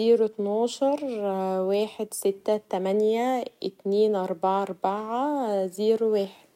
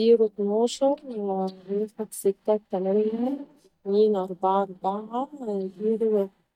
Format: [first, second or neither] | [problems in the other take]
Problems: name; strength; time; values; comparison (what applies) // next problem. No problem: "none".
first | noise reduction (neural mask model DeepFilterNet 3)